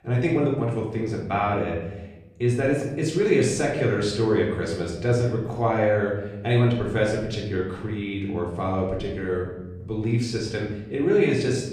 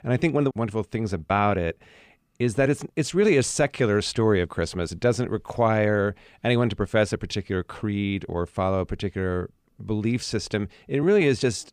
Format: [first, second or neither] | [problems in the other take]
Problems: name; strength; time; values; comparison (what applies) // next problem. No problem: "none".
second | off-mic speech; far // room echo; noticeable; dies away in 0.9 s